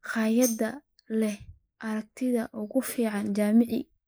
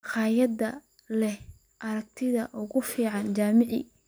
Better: second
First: noise reduction (neural mask model Resemble Enhance denoiser)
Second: none

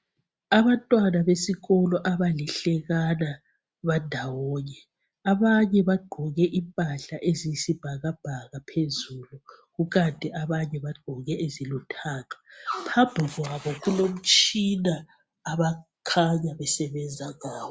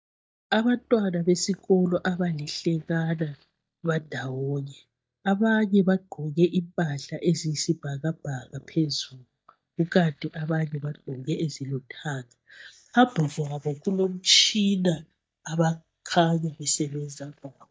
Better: first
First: none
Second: noise reduction (neural mask model DeepFilterNet 3)

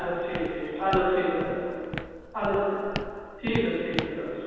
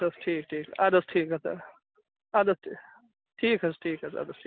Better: second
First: background sound (Walk, footsteps); 9 dB below the speech // room echo; dies away in 2.1 s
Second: none

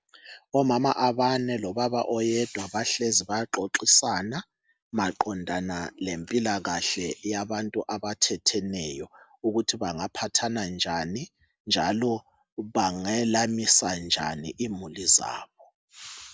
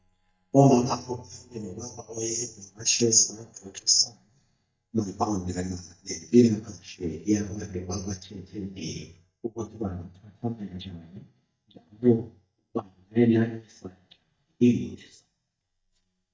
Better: first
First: none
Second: noise reduction (neural mask model DeepFilterNet 3)

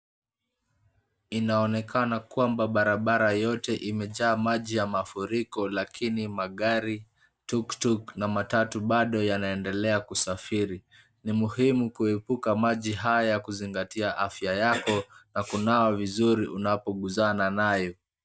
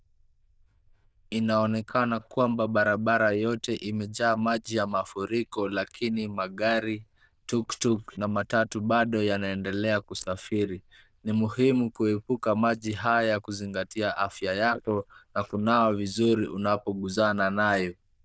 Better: first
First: none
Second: noise reduction (neural diffusion model UNIVERSE++)

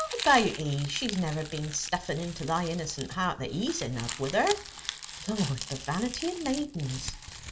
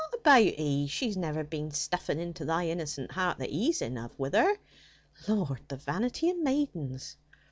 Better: second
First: background sound (Crumpling, crinkling); 10 dB below the speech // room echo; dies away in 0.5 s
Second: none

